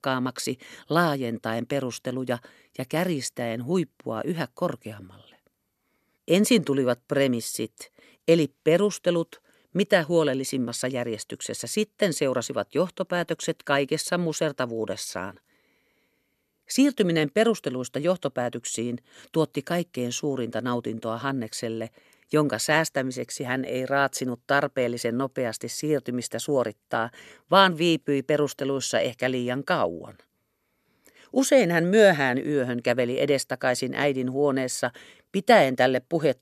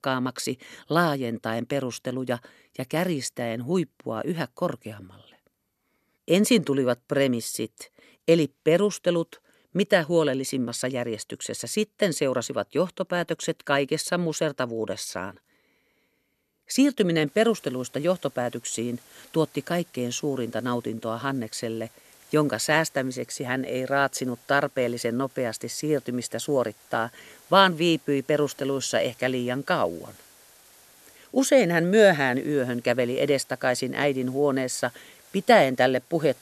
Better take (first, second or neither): first